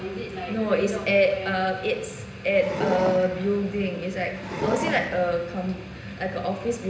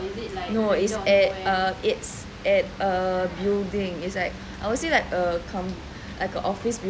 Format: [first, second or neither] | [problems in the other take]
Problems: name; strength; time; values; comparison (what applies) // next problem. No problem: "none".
second | background sound (Wood); 6 dB below the speech // room echo; dies away in 0.9 s